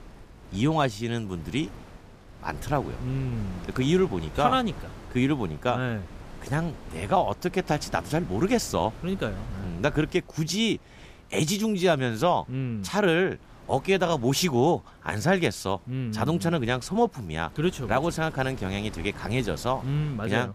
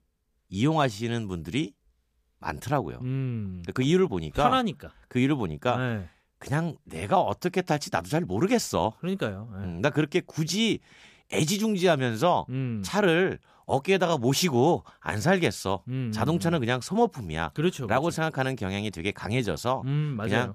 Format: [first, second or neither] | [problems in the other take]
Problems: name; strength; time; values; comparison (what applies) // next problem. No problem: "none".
second | wind noise on the microphone; occasional gusts; 20 dB below the speech